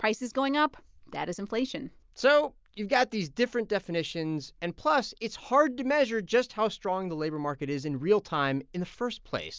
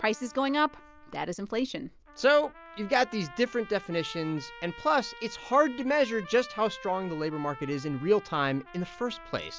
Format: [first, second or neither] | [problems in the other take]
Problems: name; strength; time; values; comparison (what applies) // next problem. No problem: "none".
first | background sound (Trumpet); 18 dB below the speech